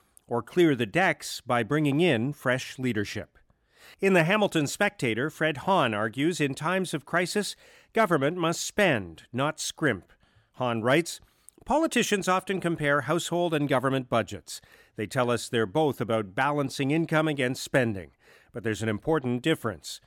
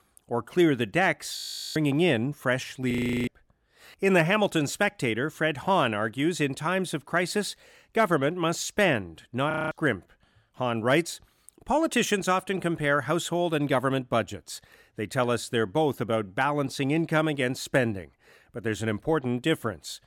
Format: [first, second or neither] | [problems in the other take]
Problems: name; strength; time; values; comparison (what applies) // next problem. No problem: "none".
first | audio freezing; at 1.5 s, at 3 s and at 9.5 s